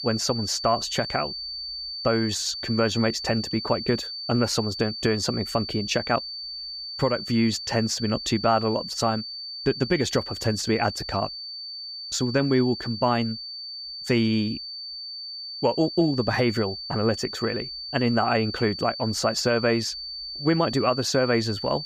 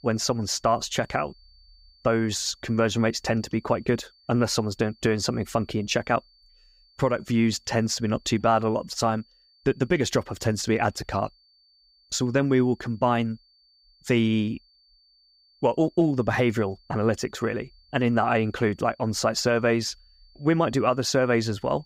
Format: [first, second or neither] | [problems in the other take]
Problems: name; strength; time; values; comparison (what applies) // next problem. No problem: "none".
second | high-pitched whine; loud; throughout; 4.5 kHz, 7 dB below the speech; faint in the second